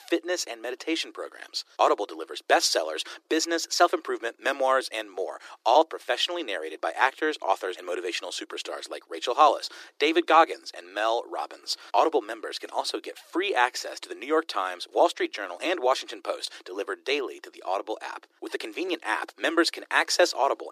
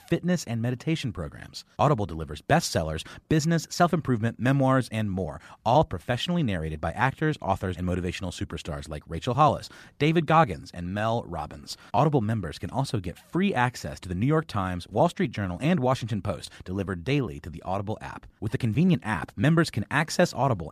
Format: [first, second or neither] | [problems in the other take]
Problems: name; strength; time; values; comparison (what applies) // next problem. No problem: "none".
second | thin; very; fading below 350 Hz